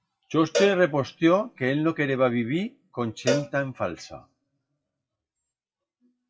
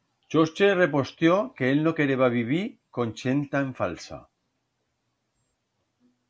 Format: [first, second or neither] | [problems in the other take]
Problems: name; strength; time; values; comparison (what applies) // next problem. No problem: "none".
second | noise reduction (classical method WPE with log-MMSE)